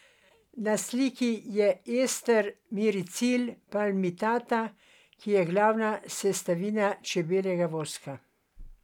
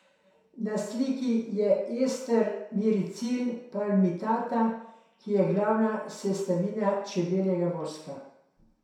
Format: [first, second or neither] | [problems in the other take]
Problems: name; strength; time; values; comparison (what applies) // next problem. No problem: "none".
first | room echo; dies away in 0.7 s